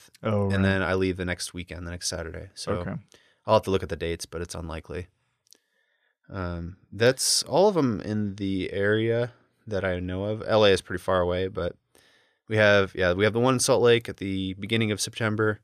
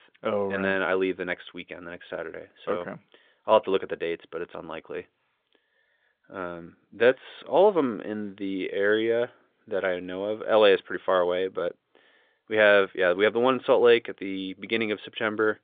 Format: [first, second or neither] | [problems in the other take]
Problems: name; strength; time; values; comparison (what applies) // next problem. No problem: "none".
first | phone-call audio; nothing above 3.5 kHz